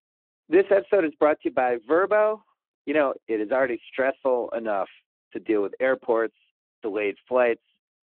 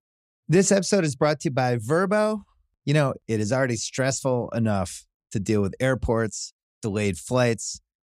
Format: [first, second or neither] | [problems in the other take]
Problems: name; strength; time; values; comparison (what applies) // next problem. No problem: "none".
second | phone-call audio